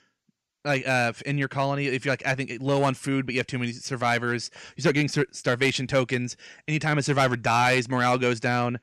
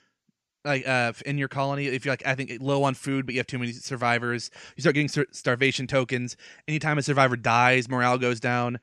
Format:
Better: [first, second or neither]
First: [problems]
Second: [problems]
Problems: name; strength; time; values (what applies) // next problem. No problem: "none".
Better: second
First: distortion; slight; 2% of the sound clipped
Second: none